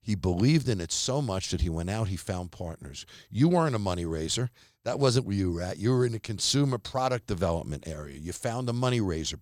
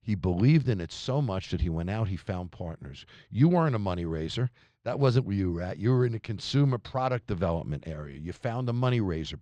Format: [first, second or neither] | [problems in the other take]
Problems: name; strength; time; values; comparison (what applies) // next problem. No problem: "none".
first | muffled; slightly; fading above 2.5 kHz